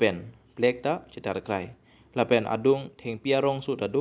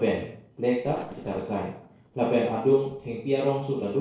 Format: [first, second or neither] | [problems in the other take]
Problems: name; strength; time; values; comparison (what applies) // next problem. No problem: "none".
first | noise reduction (neural separator model SepFormer DNS4)